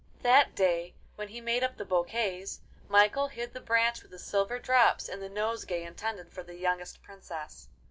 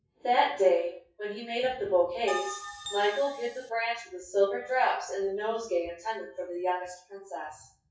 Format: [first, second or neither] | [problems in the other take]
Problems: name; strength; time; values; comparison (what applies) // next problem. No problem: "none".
first | noise reduction (classical method WPE with log-MMSE)